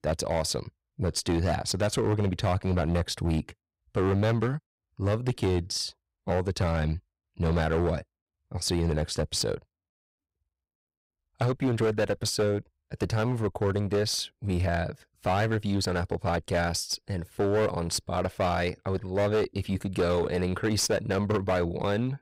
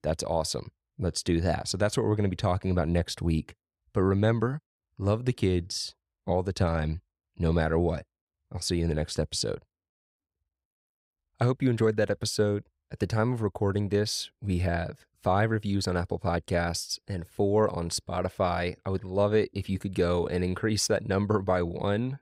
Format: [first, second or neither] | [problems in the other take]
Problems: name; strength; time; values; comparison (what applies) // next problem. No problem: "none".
second | distortion; slight; 12% of the sound clipped